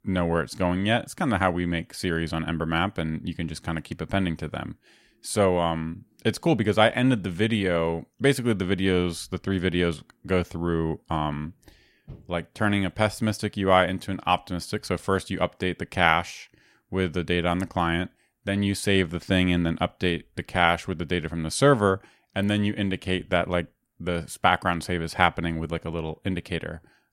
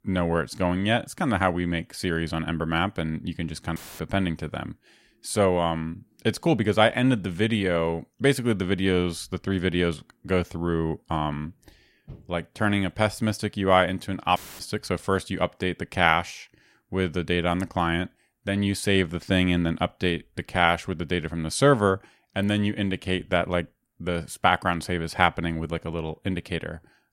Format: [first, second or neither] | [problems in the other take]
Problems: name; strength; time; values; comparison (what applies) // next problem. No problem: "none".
first | audio cutting out; filled with static; at 4 s and at 14 s